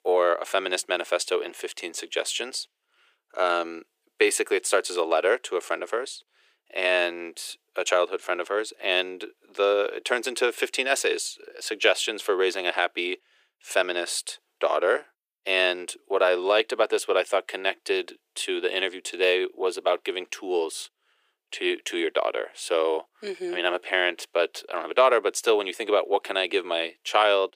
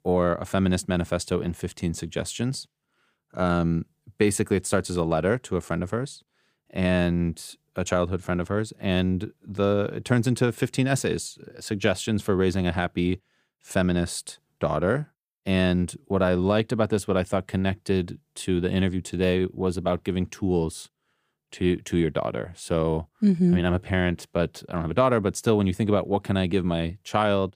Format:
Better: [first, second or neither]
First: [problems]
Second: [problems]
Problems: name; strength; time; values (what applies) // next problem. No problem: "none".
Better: second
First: thin; very; fading below 350 Hz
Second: none